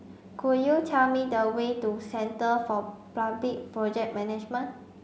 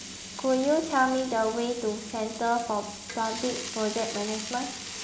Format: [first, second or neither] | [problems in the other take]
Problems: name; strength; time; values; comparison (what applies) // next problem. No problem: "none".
first | background sound (Frying (food)); 10 dB below the speech